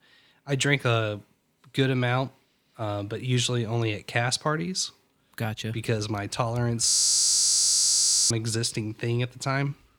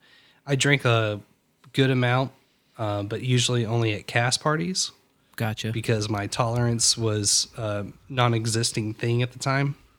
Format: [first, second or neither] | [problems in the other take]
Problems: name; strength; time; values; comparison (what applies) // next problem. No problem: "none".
second | audio freezing; at 7 s for 1.5 s